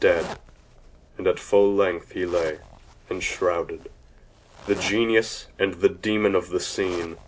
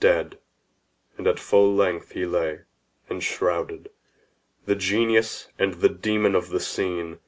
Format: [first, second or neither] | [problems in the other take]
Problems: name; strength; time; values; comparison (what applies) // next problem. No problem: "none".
second | background sound (Zipper (clothing)); 18 dB below the speech